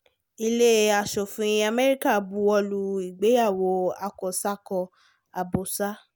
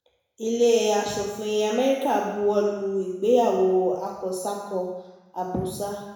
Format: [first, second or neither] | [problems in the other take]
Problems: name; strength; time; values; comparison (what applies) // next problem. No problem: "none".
first | room echo; dies away in 1 s